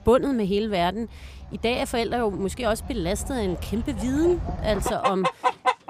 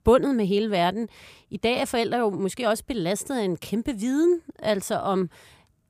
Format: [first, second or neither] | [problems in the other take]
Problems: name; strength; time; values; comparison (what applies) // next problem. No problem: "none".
second | animal sounds; loud; throughout; 5 dB below the speech